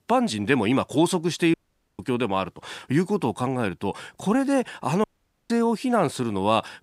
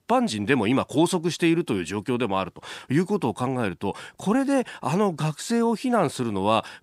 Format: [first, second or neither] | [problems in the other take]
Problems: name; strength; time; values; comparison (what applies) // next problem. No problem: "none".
second | audio cutting out; at 1.5 s and at 5 s